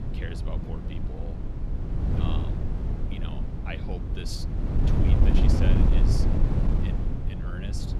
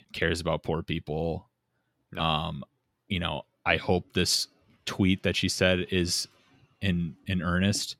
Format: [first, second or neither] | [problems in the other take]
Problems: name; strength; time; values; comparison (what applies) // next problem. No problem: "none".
second | wind noise on the microphone; heavy; 4 dB above the speech